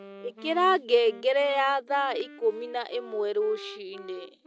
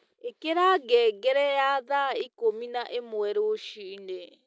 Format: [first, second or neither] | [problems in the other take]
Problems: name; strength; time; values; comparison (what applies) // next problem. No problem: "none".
second | background sound (Wind instrument, woodwind instrument); 19 dB below the speech